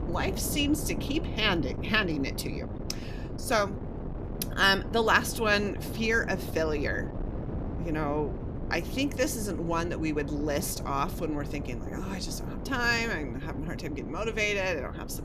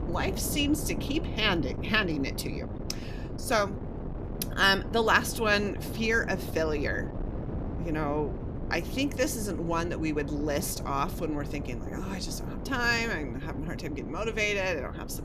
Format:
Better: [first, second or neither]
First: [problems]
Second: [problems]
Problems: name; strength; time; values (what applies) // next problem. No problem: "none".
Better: neither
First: wind noise on the microphone; occasional gusts; 15 dB below the speech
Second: wind noise on the microphone; occasional gusts; 15 dB below the speech